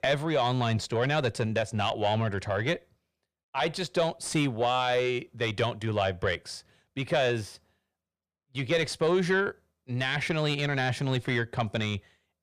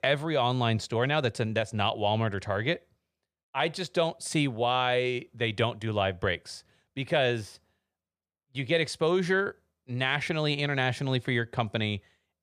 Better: second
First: distortion; slight; 10 dB below the speech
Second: none

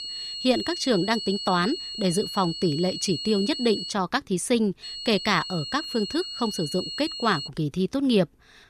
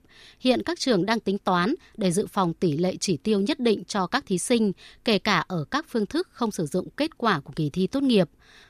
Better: second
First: high-pitched whine; loud; until 4 s and from 5 to 7.5 s; 4.5 kHz, 6 dB below the speech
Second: none

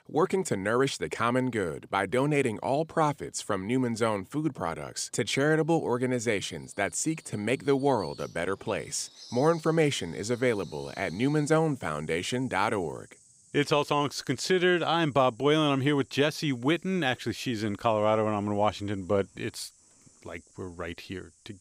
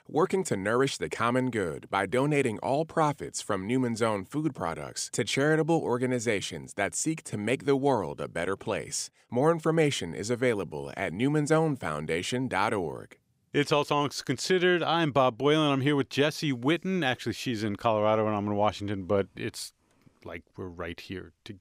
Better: second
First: animal sounds; faint; throughout; 25 dB below the speech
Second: none

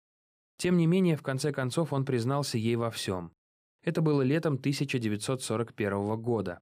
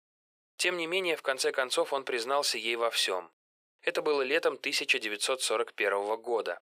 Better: first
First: none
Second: thin; very; fading below 500 Hz

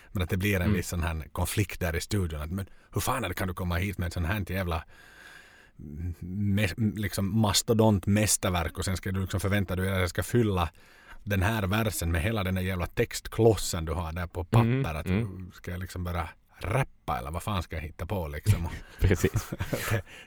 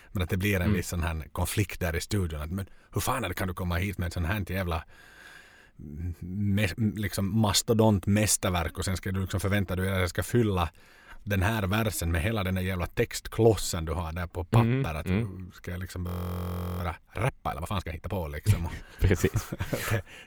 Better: first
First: none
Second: audio freezing; at 16 s for 0.5 s

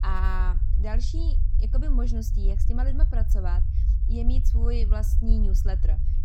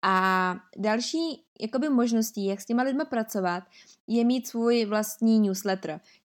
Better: second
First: low rumble; loud; throughout; 8 dB below the speech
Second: none

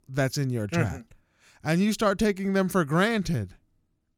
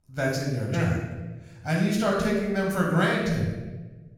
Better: first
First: none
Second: off-mic speech; far // room echo; noticeable; dies away in 1 s

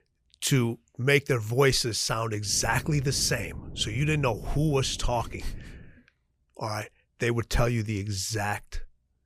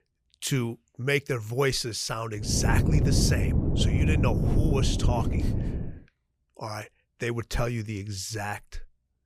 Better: first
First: wind noise on the microphone; occasional gusts; from 2.5 to 6 s; 20 dB below the speech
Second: wind noise on the microphone; heavy; from 2.5 to 6 s; 4 dB below the speech

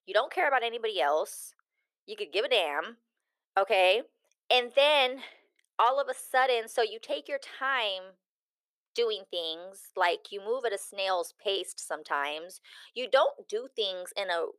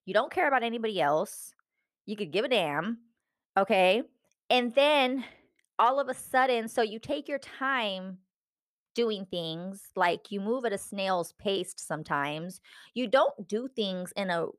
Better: second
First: thin; very; fading below 400 Hz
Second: none

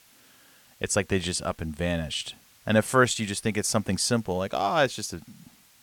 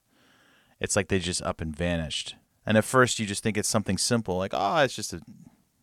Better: second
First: hiss; faint; throughout; 30 dB below the speech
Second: none

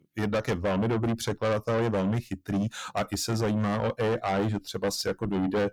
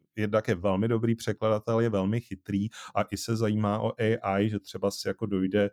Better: second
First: distortion; heavy; 6 dB below the speech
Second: none

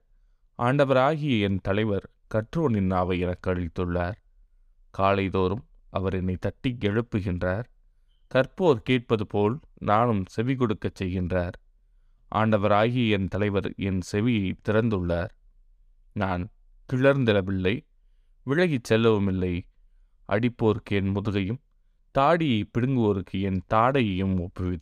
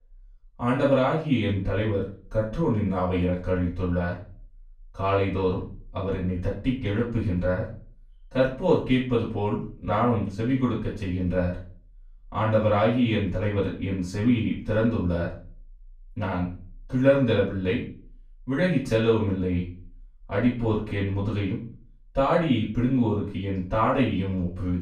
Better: first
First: none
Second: room echo; slight; dies away in 0.3 s // off-mic speech; far

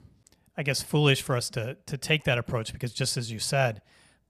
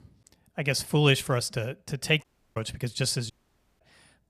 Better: first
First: none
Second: audio cutting out; at 2 s and at 3.5 s for 0.5 s

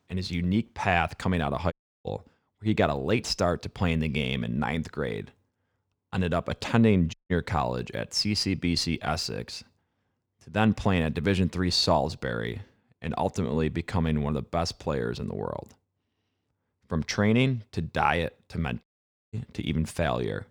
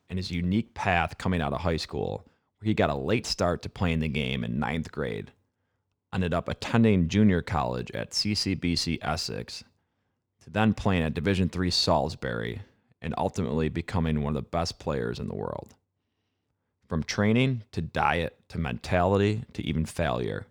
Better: second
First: audio cutting out; at 1.5 s, at 7 s and at 19 s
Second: none

